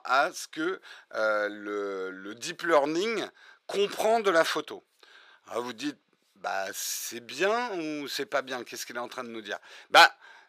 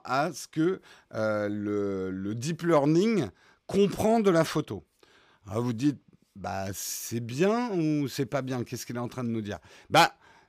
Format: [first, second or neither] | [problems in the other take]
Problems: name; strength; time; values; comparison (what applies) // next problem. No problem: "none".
second | thin; very; fading below 550 Hz